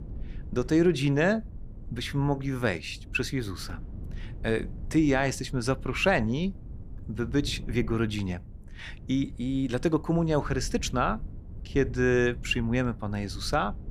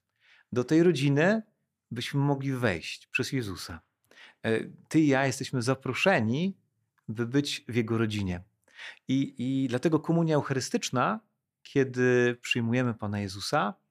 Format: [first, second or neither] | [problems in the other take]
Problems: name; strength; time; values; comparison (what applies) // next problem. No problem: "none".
second | wind noise on the microphone; occasional gusts; 25 dB below the speech